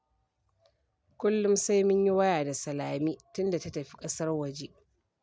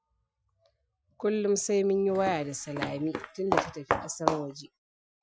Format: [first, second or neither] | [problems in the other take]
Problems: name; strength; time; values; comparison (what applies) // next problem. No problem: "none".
first | noise reduction (classical method Wiener filter)